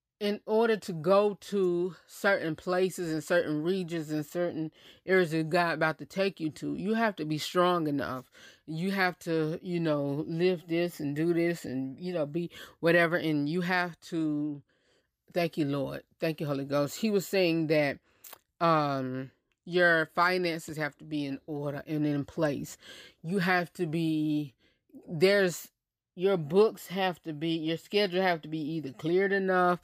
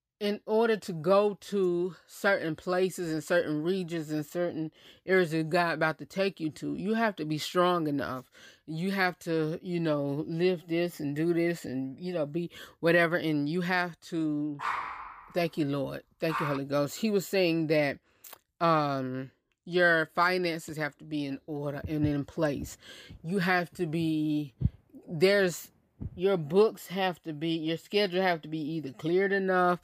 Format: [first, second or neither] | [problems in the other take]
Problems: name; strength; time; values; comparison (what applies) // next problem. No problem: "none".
first | dog barking; noticeable; from 15 to 17 s; peak 4 dB below the speech // footsteps; noticeable; from 22 to 26 s; peak 5 dB below the speech